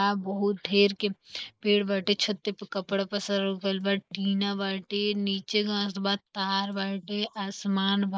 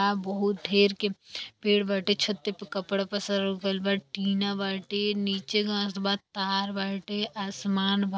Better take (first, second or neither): second